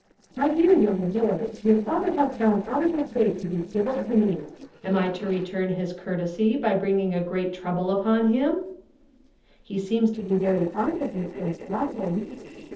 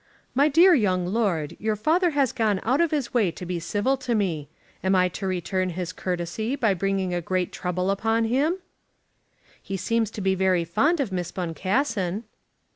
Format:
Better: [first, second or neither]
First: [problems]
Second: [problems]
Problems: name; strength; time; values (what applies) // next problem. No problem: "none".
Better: second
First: noise reduction (neural separator model SepFormer DNS4)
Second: none